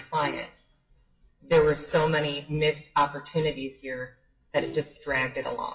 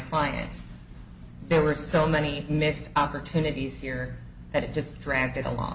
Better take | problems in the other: second | noise reduction (classical method WPE with log-MMSE)

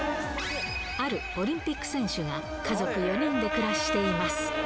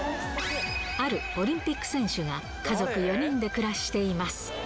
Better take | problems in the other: second | background sound (Brass instrument); 3 dB below the speech

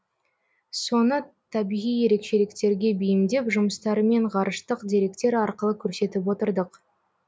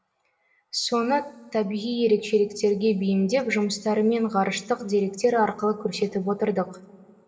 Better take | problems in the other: first | room echo; dies away in 1.8 s

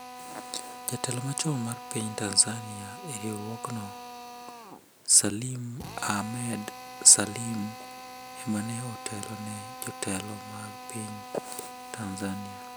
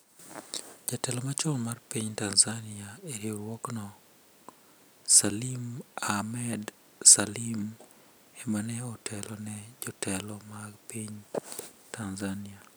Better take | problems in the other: second | background sound (Drill); 12 dB below the speech

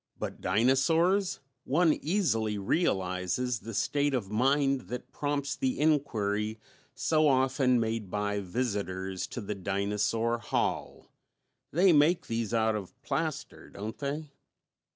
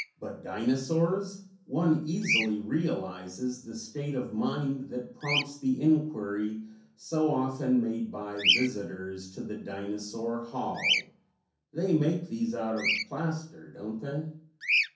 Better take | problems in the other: first | background sound (Bird vocalization, bird call, bird song); 5 dB below the speech // room echo; dies away in 0.6 s

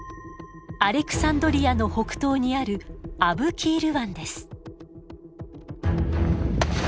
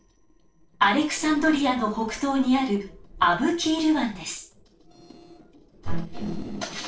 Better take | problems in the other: first | noise reduction (neural separator model SepFormer DNS4)

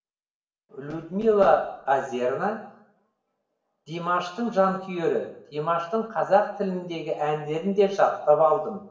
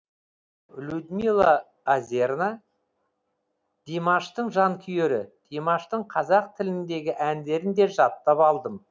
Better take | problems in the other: second | room echo; dies away in 0.7 s

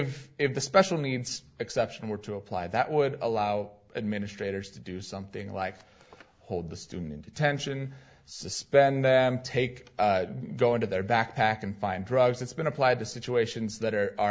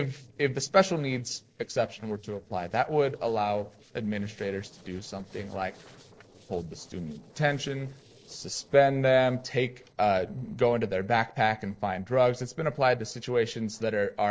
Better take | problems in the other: first | noise reduction (neural separator model SepFormer DNS4)

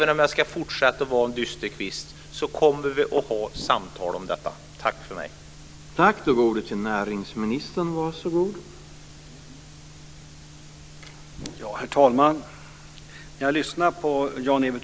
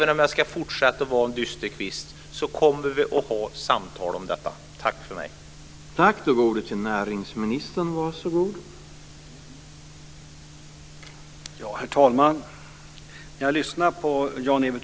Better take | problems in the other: second | background sound (Whoosh, swoosh, swish); 15 dB below the speech

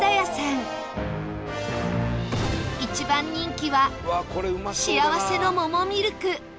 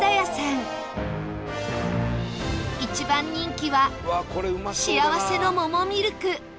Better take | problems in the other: second | background sound (Gunshot, gunfire); 10 dB below the speech

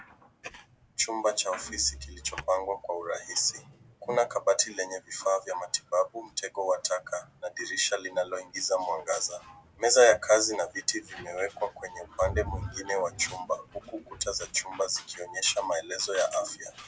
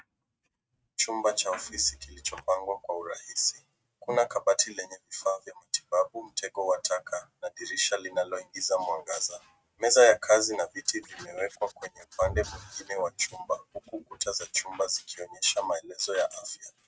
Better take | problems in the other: first | noise reduction (neural mask model RNNoise)

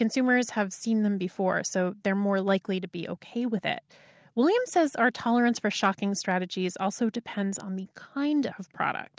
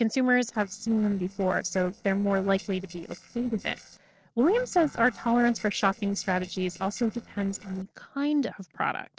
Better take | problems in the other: first | noise reduction (neural separator model SepFormer DNS4)

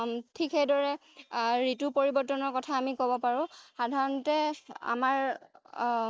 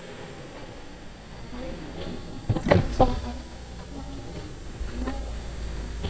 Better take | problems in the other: first | noise reduction (neural mask model DeepFilterNet 3)

